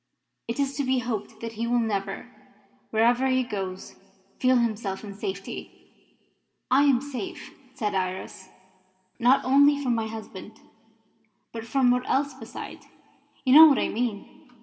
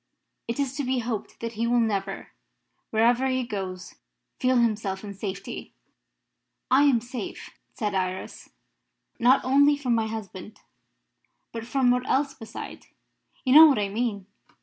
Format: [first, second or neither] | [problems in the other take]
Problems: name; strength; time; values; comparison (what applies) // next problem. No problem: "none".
second | room echo; dies away in 1.8 s